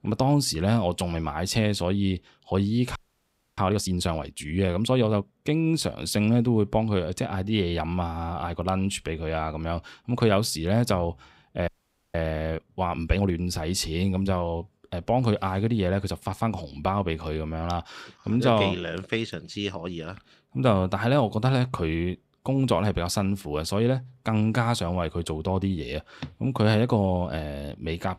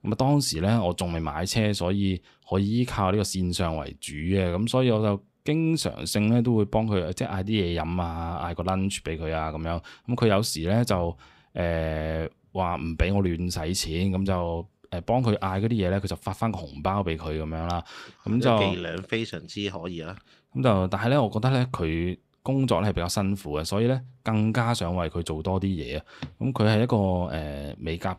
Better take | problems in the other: second | audio freezing; at 3 s for 0.5 s and at 12 s

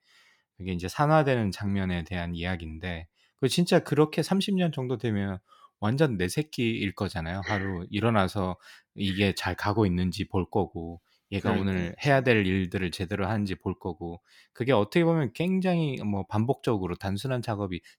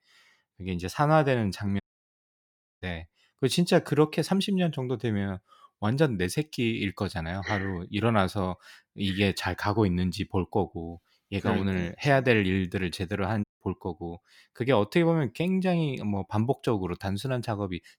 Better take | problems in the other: first | audio cutting out; at 2 s for 1 s and at 13 s

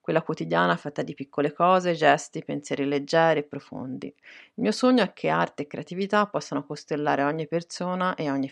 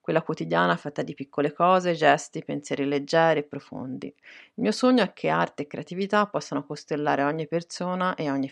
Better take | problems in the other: neither | none

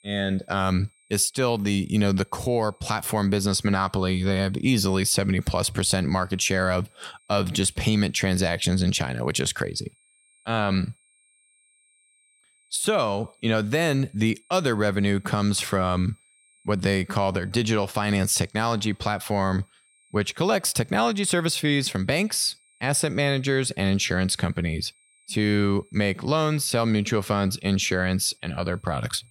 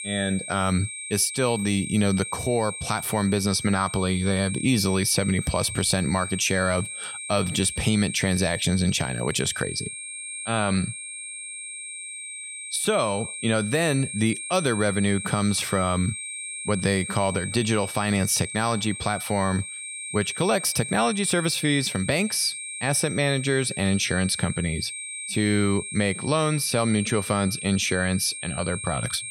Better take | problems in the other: first | high-pitched whine; loud; throughout; 8.5 kHz, 8 dB below the speech; faint in the first

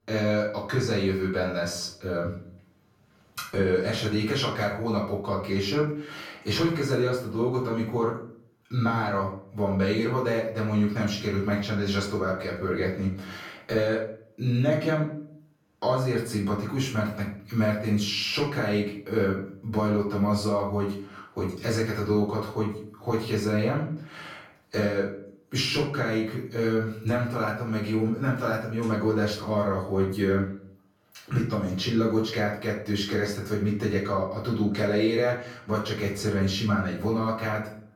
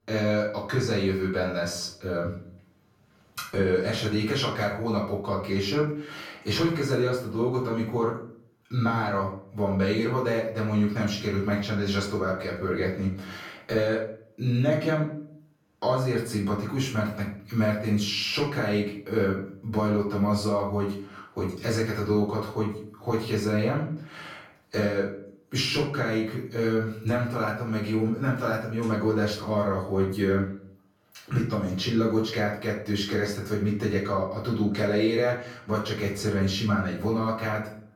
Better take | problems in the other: neither | room echo; noticeable; dies away in 0.5 s; the same in both // off-mic speech; far; the same in both

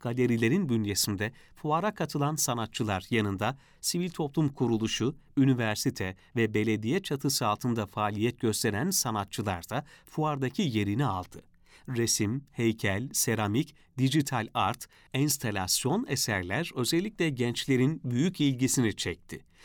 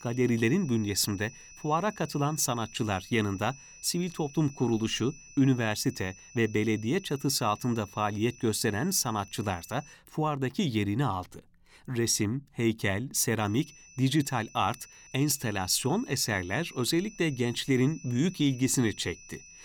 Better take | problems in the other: first | high-pitched whine; faint; until 10 s and from 13 s on; 6 kHz, 20 dB below the speech

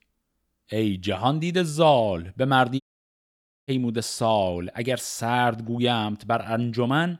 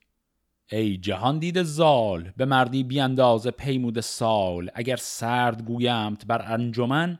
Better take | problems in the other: second | audio cutting out; at 3 s for 1 s

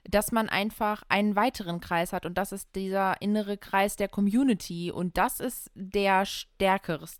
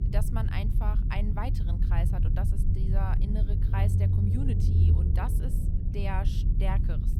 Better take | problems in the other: first | low rumble; loud; throughout; 3 dB below the speech

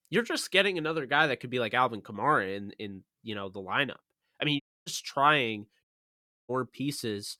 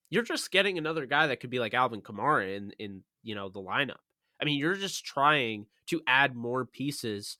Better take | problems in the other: second | audio cutting out; at 4.5 s and at 6 s for 0.5 s

